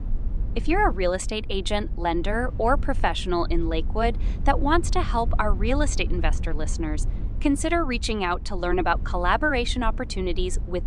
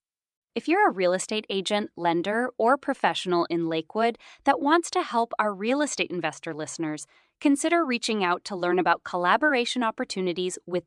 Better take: second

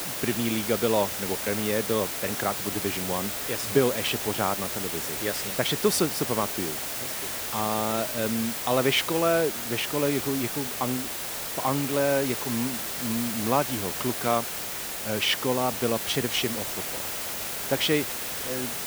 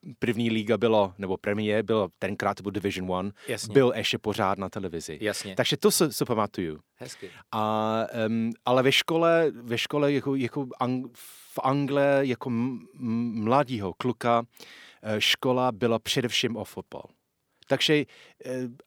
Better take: second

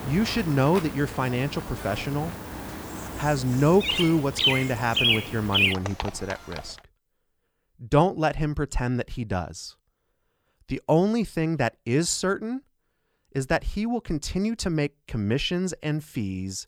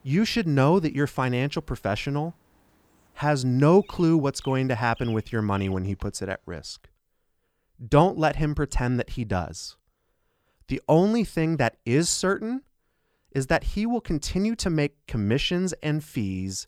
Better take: second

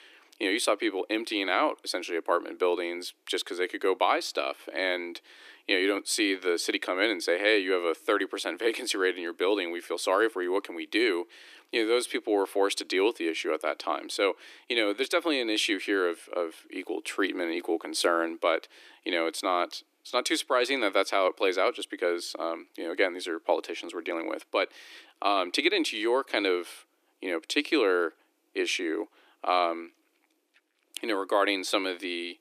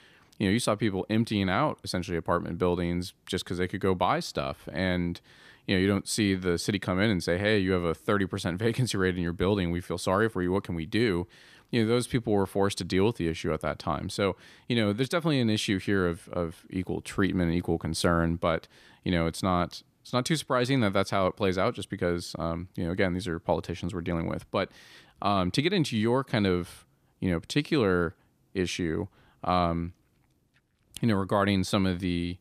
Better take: second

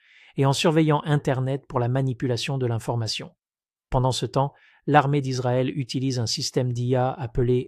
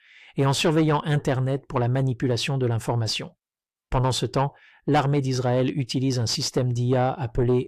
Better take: first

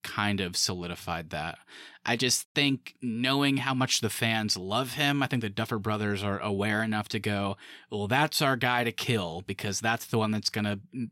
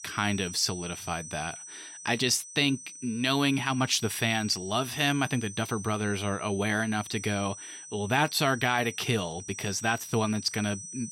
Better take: first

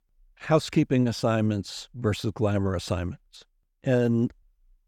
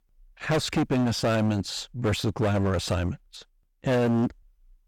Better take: first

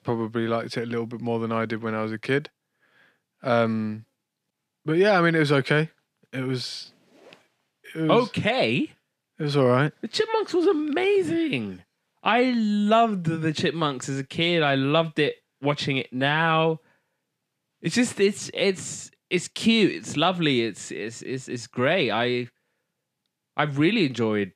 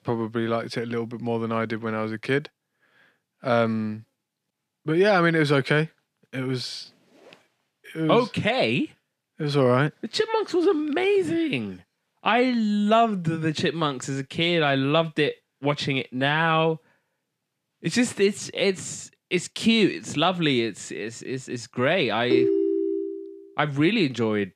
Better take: first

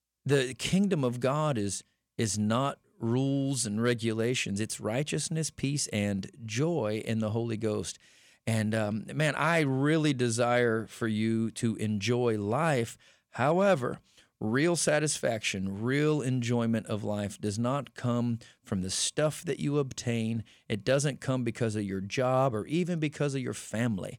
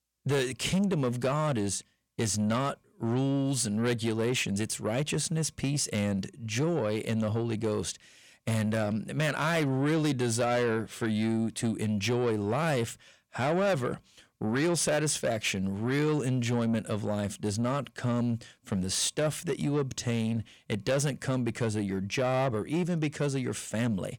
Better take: first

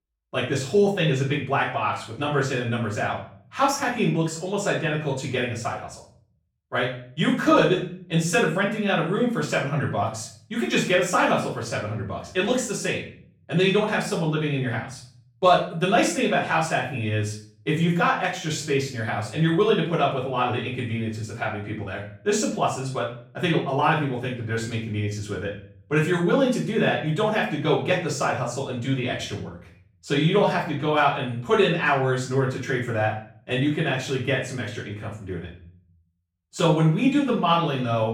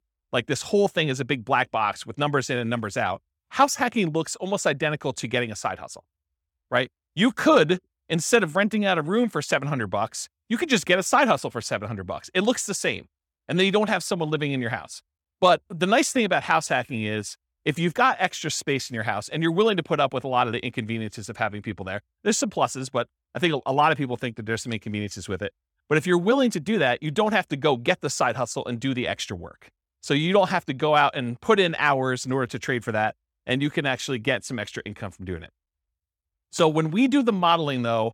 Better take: second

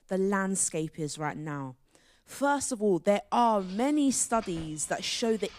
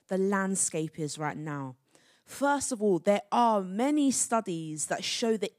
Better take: second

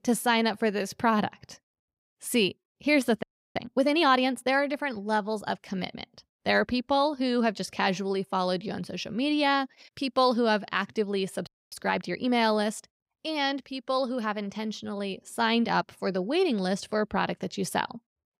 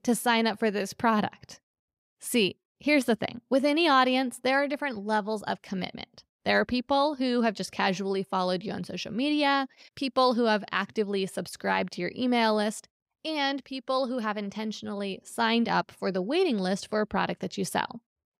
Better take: second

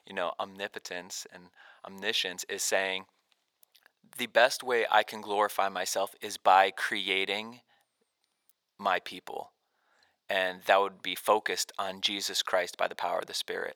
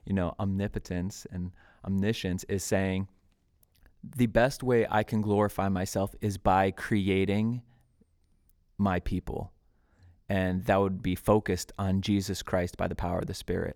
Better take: second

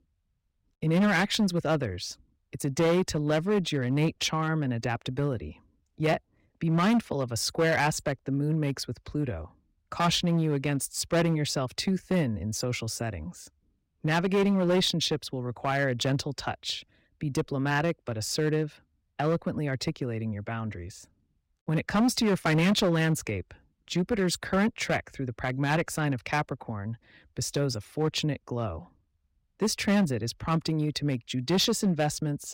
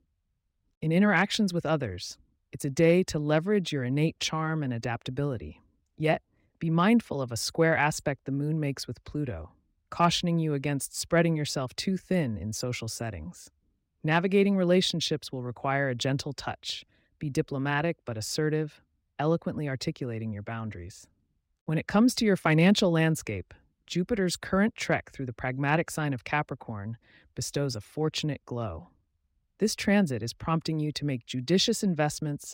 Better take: second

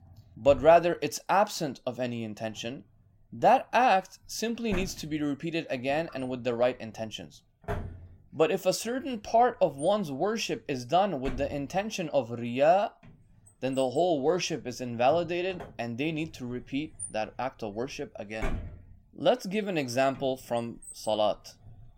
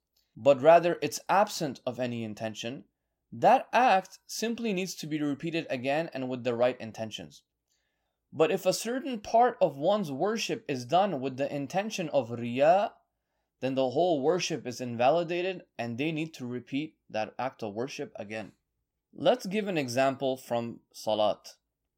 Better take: second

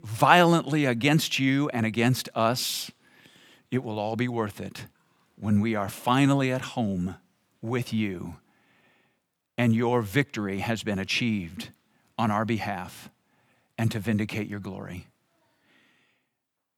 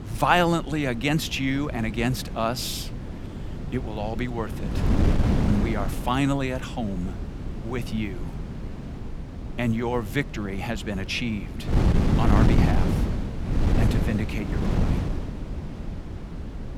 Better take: first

